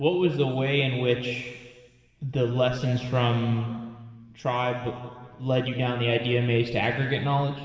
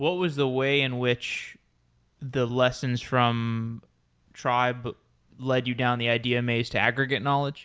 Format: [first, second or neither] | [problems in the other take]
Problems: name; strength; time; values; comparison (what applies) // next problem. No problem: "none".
second | room echo; dies away in 1.8 s